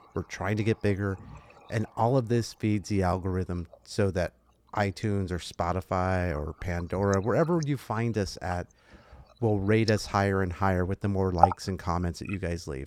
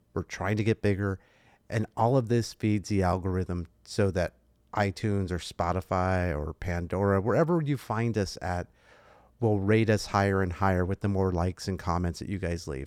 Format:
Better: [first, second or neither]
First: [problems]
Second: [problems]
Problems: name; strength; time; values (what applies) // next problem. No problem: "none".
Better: second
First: household noises; loud; throughout; 4 dB below the speech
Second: none